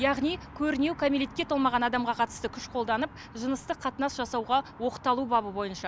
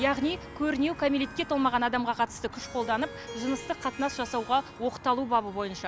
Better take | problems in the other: first | background sound (Harp); 17 dB below the speech

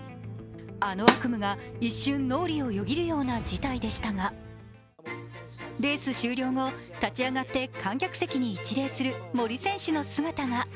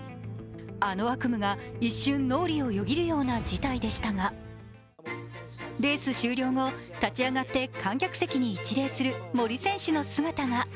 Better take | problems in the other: second | background sound (Snare drum); 1 dB above the speech

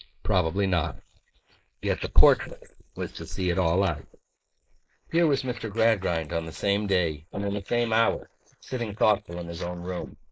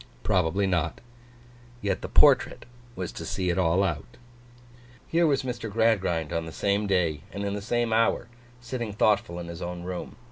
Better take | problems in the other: second | noise reduction (neural mask model Resemble Enhance denoiser)

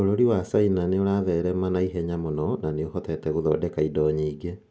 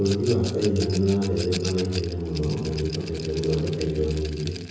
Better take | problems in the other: first | background sound (Rattle); 14 dB below the speech // room echo; dies away in 1.1 s

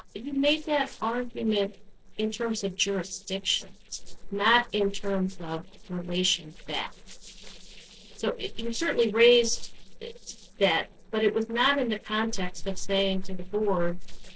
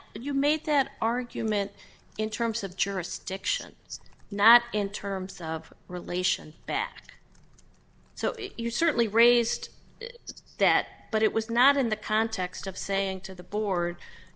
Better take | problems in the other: second | noise reduction (neural separator model SepFormer DNS4)

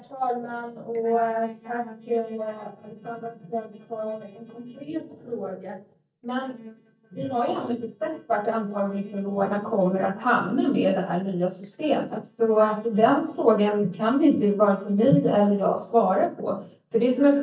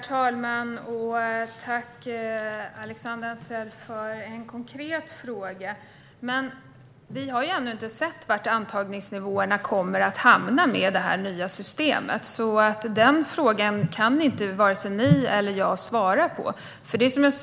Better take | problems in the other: second | noise reduction (neural mask model DeepFilterNet 3)

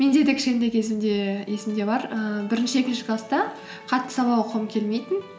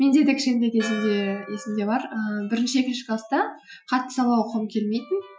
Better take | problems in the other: first | noise reduction (classical method Wiener filter)

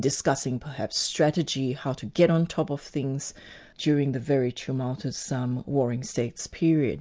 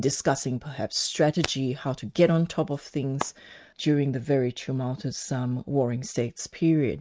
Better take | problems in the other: first | noise reduction (neural mask model RNNoise)

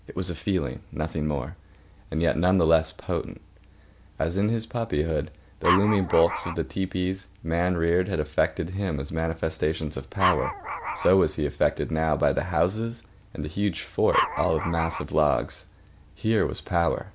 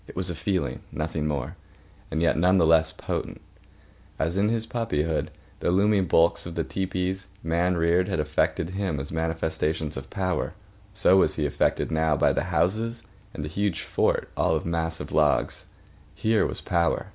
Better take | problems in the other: second | background sound (Dog); 3 dB below the speech

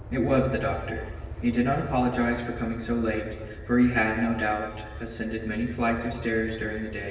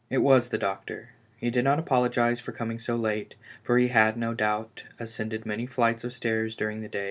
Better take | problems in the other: second | background sound (Aircraft); 11 dB below the speech // room echo; dies away in 1.4 s

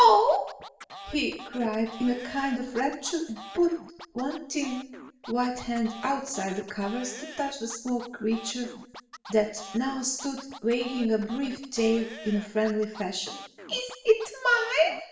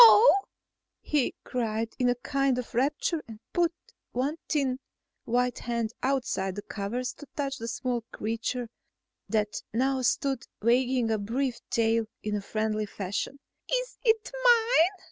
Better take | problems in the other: second | background sound (Scratching (performance technique)); 17 dB below the speech // room echo; dies away in 0.7 s

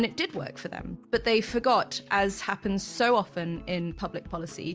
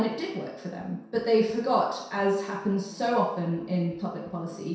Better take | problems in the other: first | room echo; dies away in 0.7 s

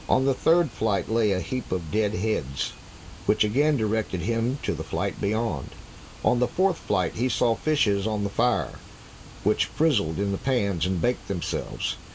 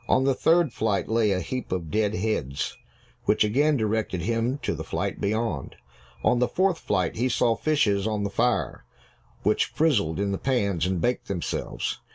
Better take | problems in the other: second | background sound (Water); 18 dB below the speech

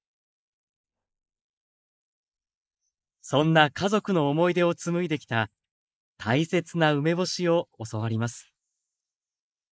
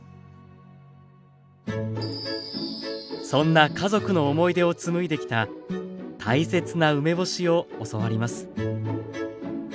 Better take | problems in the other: second | noise reduction (neural mask model Resemble Enhance denoiser)

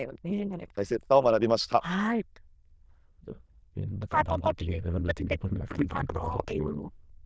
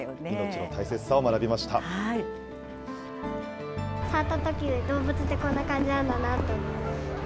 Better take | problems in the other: second | noise reduction (neural diffusion model UNIVERSE++)

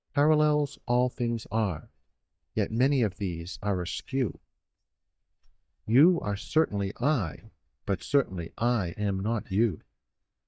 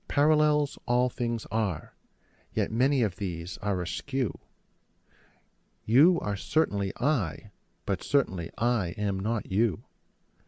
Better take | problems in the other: second | noise reduction (neural mask model DeepFilterNet 3)

